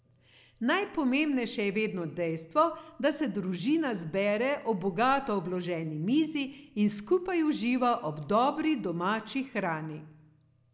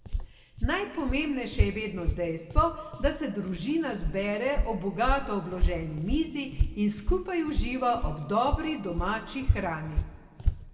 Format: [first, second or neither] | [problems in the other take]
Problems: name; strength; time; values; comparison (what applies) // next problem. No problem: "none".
first | background sound (Walk, footsteps); 1 dB below the speech // room echo; dies away in 1.6 s